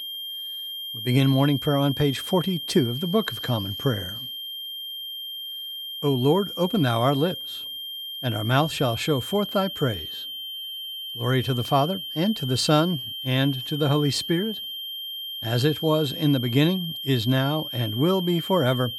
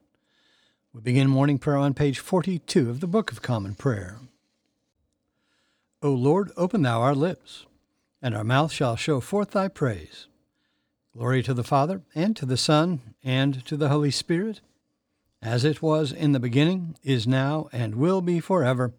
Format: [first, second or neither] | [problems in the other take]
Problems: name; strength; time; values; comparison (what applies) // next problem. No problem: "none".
second | high-pitched whine; loud; throughout; 3 kHz, 7 dB below the speech